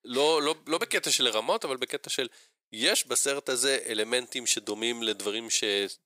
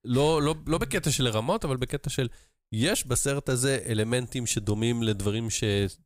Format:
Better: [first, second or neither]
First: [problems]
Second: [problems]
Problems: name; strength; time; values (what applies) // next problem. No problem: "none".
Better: second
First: thin; somewhat; fading below 350 Hz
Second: none